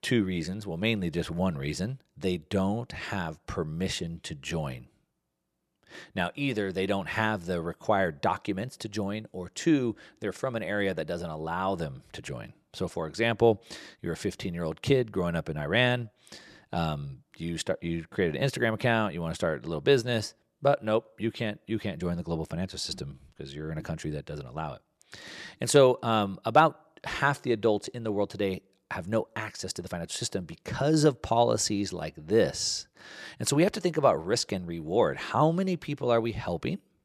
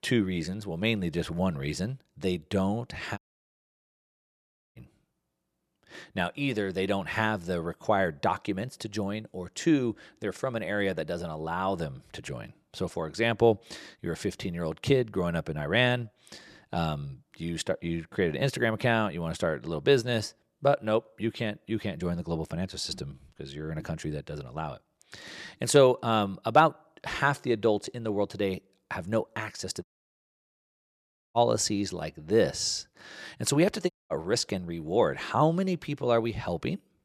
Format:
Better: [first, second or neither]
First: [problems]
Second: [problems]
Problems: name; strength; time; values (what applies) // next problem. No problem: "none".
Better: first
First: none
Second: audio cutting out; at 3 s for 1.5 s, at 30 s for 1.5 s and at 34 s